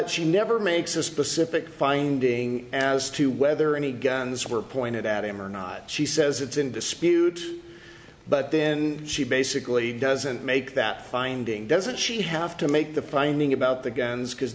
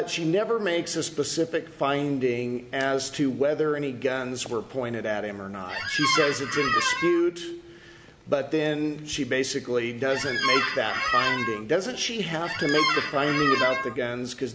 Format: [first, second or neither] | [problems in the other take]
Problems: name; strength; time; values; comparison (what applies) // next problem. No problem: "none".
first | background sound (Squeak); as loud as the speech